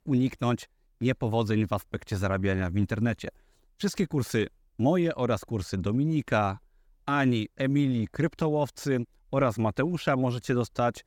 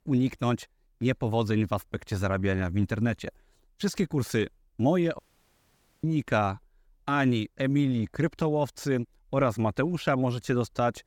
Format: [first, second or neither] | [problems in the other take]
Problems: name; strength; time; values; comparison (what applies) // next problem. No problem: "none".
first | audio cutting out; at 5 s for 1 s